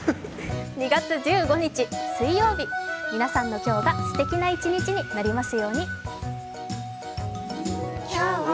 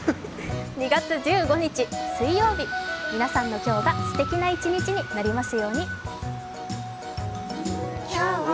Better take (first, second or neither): first